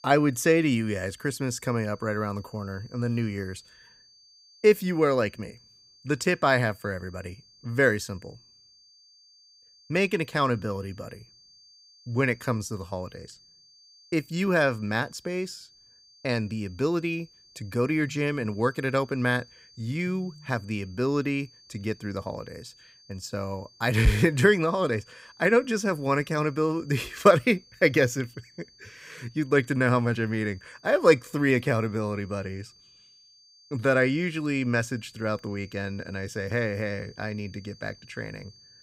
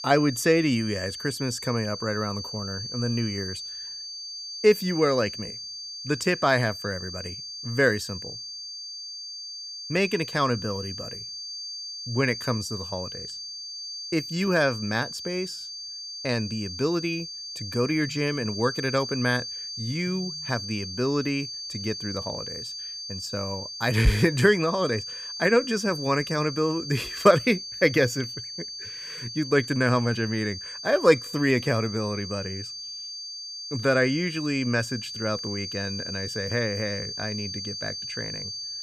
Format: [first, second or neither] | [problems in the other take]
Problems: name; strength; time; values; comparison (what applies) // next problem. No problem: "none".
first | high-pitched whine; loud; throughout; 4.5 kHz, 8 dB below the speech; faint in the first